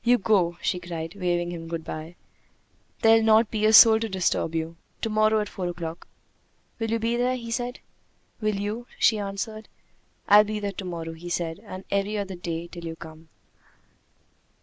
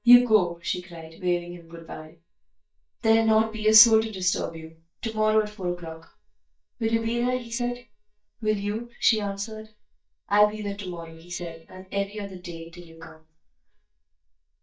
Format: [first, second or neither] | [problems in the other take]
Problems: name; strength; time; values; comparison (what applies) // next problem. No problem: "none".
first | noise reduction (neural mask model DeepFilterNet 3)